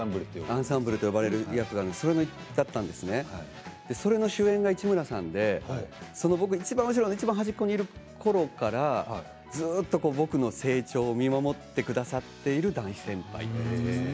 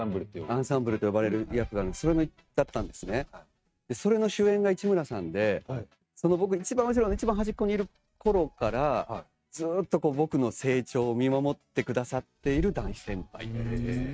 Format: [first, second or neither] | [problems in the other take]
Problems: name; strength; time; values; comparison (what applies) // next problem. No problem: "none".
first | noise reduction (neural mask model RNNoise)